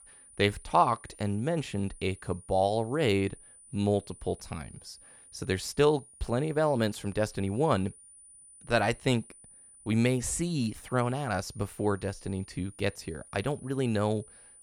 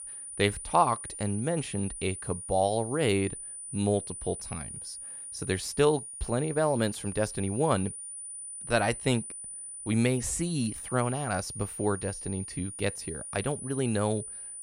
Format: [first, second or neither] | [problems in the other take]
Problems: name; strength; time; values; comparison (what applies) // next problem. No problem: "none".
first | high-pitched whine; loud; throughout; 9.5 kHz, 8 dB below the speech; faint in the first